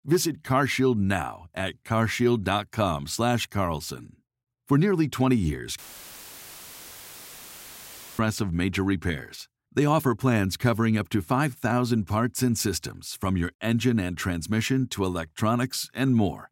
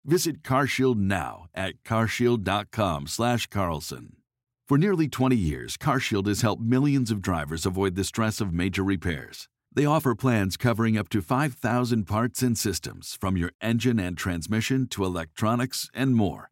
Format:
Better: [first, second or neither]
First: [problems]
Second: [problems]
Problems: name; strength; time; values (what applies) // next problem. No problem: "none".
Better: second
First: audio cutting out; filled with static; at 6 s for 2.5 s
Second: none